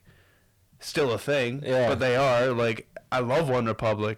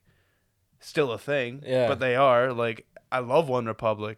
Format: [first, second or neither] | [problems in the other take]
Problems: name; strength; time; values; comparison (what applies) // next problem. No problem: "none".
second | distortion; heavy; 7 dB below the speech